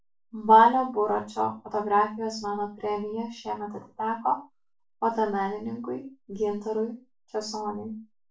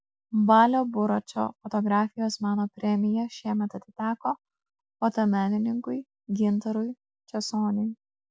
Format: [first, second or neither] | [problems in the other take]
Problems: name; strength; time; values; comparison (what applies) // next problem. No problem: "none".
second | room echo; dies away in 0.3 s